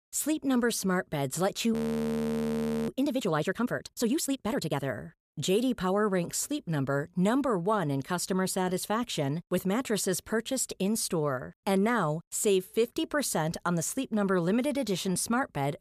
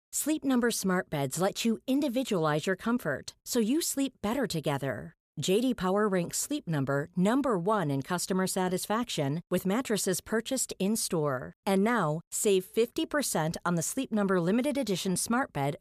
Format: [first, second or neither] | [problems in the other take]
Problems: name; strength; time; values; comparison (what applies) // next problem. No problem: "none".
second | audio freezing; at 1.5 s for 1 s